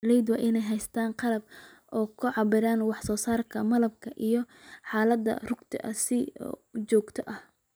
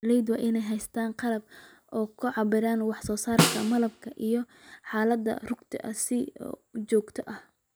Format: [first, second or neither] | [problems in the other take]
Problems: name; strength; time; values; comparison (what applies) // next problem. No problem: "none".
first | background sound (Snare drum); 1 dB below the speech